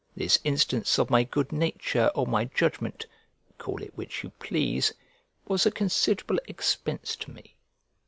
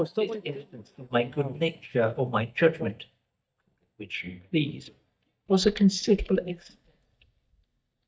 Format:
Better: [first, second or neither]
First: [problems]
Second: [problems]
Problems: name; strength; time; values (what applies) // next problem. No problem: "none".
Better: first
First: none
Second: noise reduction (neural mask model DeepFilterNet 3)